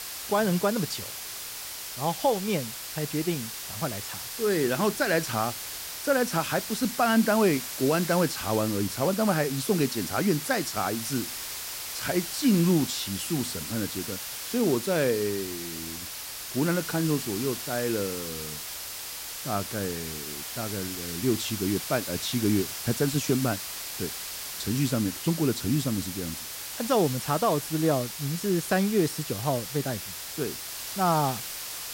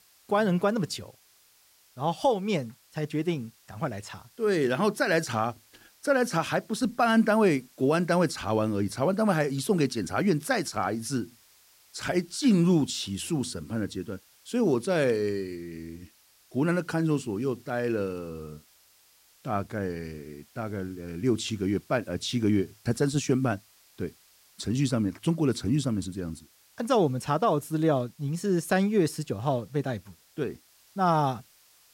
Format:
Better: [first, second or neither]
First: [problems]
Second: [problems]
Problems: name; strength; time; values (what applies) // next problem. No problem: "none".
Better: second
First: hiss; loud; throughout; 6 dB below the speech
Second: hiss; faint; throughout; 30 dB below the speech